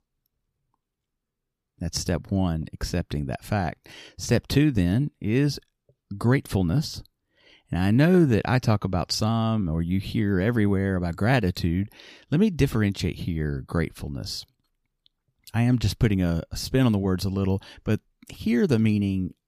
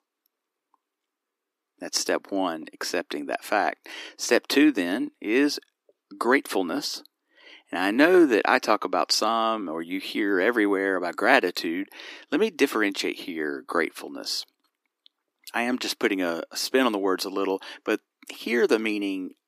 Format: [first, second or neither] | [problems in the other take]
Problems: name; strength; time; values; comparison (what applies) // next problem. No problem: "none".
first | thin; somewhat; fading below 300 Hz